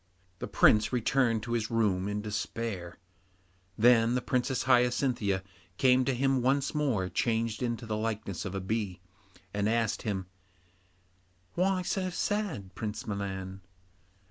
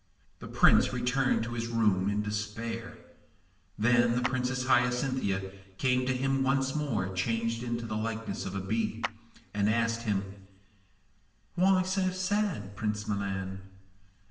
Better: first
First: none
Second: background sound (Clapping); 14 dB below the speech // room echo; dies away in 0.9 s

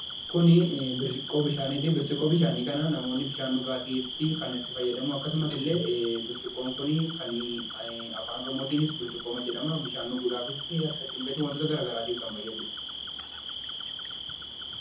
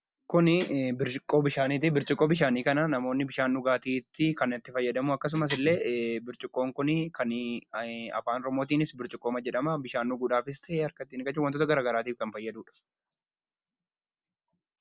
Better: second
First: background sound (Cricket); 8 dB below the speech // room echo; dies away in 0.5 s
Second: none

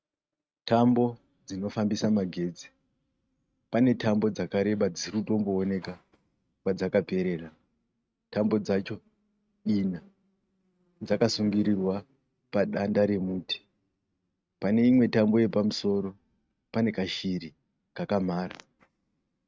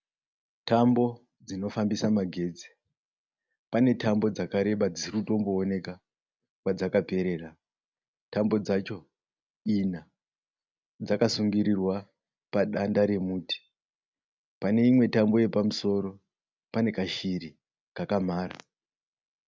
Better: second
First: noise reduction (neural mask model RNNoise)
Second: none

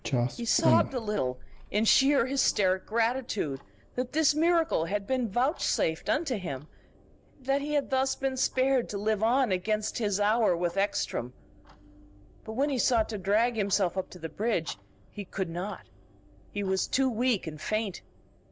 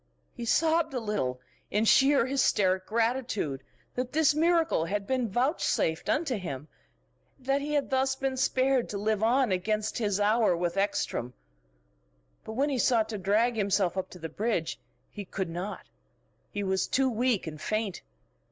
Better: second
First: background sound (Clock); 12 dB below the speech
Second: none

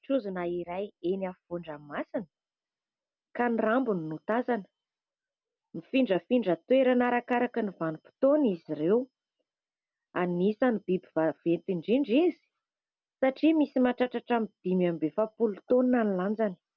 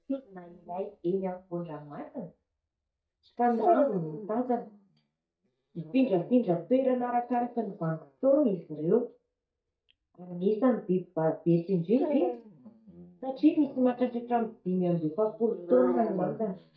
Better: first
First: none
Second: noise reduction (neural mask model DeepFilterNet 3)

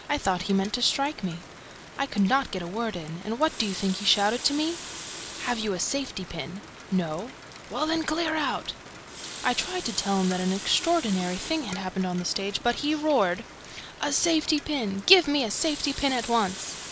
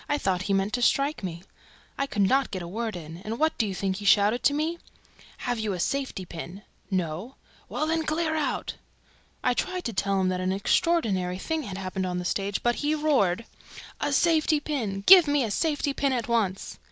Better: second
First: background sound (Water tap, faucet + Rain); 13 dB below the speech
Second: none

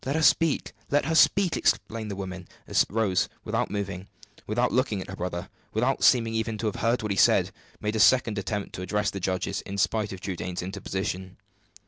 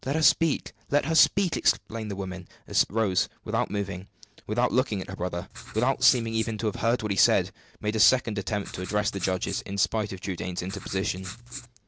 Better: first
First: none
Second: noise reduction (neural separator model SepFormer DNS4)

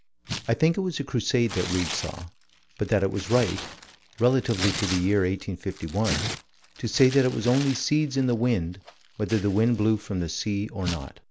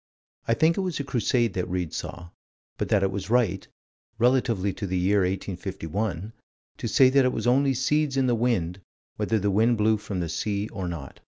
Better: second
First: background sound (Tearing); 12 dB below the speech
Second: none

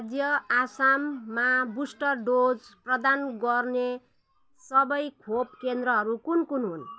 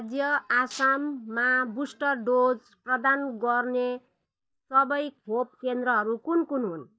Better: first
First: none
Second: noise reduction (neural mask model DeepFilterNet 3)

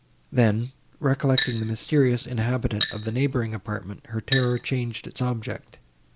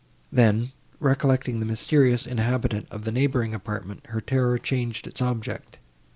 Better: second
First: background sound (Glass); 9 dB below the speech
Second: none

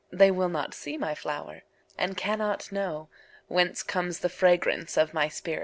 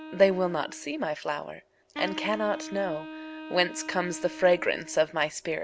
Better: first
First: none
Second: background sound (Wind instrument, woodwind instrument); 14 dB below the speech

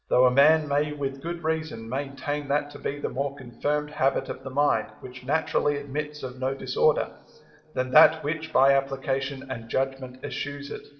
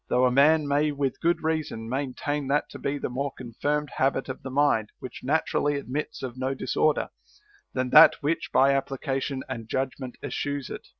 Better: second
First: room echo; dies away in 2.6 s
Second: none

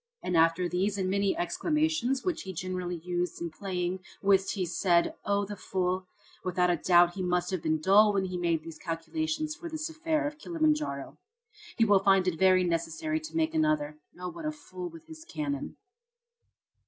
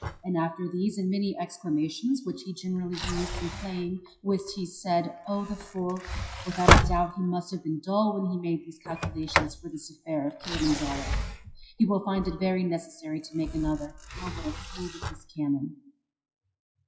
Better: first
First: none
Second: noise reduction (classical method WPE with log-MMSE)

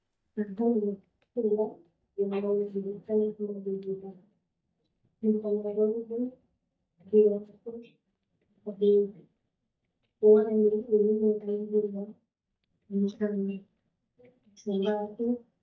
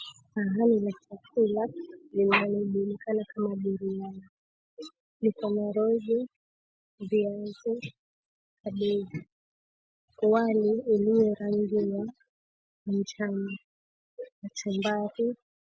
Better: second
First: noise reduction (neural mask model DeepFilterNet 3)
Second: none

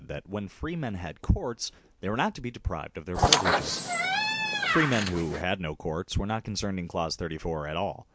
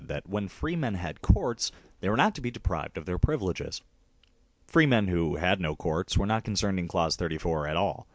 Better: second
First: background sound (Squeak); 4 dB above the speech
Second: none

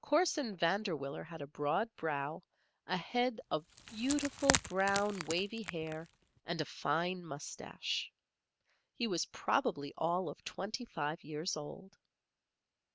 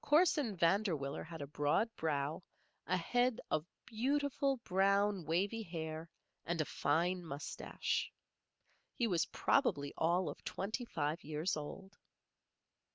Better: second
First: background sound (Wood); 3 dB below the speech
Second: none

